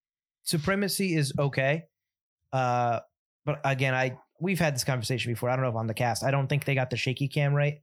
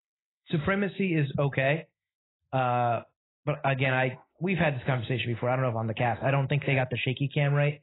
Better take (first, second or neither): first